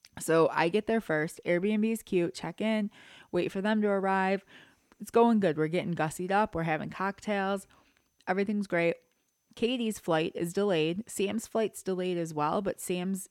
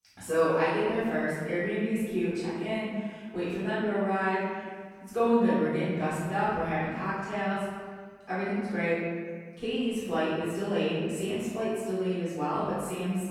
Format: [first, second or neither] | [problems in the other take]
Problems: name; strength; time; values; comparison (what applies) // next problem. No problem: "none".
first | room echo; strong; dies away in 1.6 s // off-mic speech; far